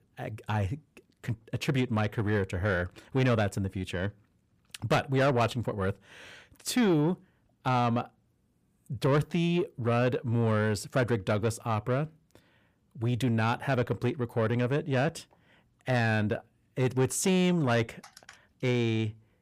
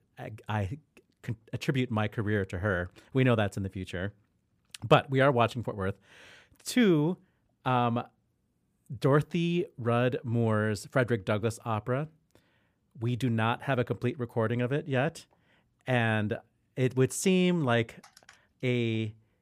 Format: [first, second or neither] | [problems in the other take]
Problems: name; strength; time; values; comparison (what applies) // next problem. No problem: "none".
second | distortion; slight; 10 dB below the speech